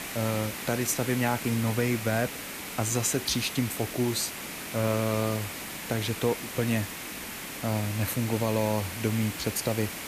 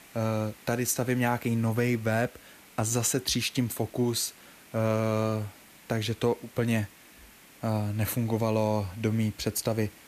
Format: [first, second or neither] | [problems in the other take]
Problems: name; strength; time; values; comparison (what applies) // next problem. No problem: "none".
second | hiss; loud; throughout; 6 dB below the speech; faint in the second